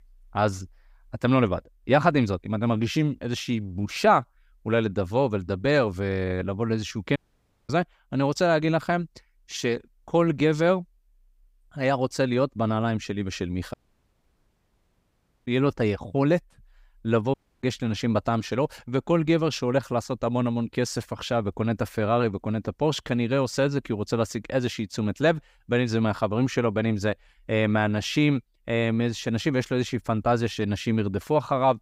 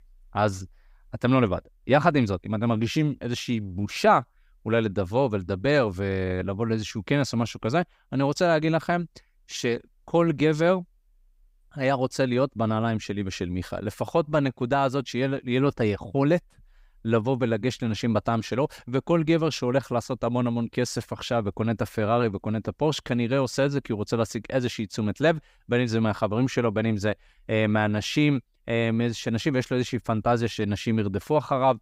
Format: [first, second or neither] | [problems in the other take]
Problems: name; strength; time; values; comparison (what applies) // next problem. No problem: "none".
second | audio cutting out; at 7 s for 0.5 s, at 14 s for 1.5 s and at 17 s